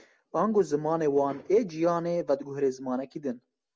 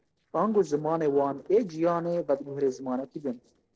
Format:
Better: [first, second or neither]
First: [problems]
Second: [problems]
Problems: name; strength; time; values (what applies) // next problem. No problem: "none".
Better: first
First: none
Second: noise reduction (neural separator model SepFormer DNS4)